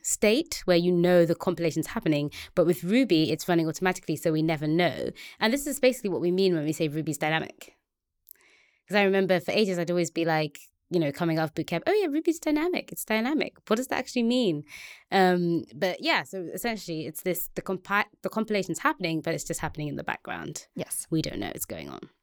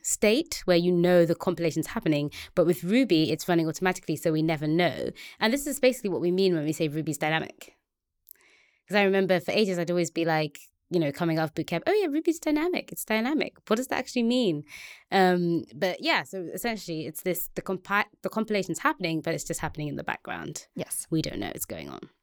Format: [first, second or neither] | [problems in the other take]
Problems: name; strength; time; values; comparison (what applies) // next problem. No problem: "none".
neither | none